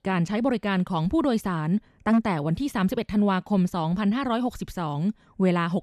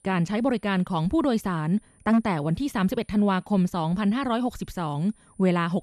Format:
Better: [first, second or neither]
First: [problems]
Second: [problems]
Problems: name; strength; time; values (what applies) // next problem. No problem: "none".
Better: first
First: none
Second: high-pitched whine; faint; throughout; 9 kHz, 35 dB below the speech